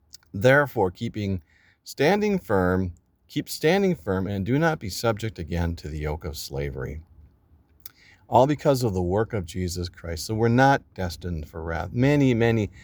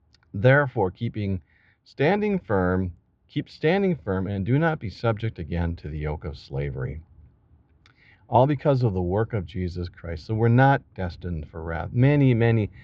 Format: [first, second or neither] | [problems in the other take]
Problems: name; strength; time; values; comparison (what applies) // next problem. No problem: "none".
first | muffled; slightly; fading above 3.5 kHz